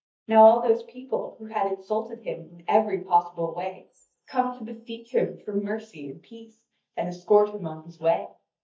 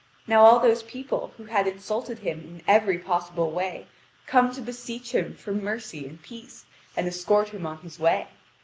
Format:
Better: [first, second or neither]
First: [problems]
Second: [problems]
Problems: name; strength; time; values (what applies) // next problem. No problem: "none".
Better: second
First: noise reduction (neural mask model DeepFilterNet 3)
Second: none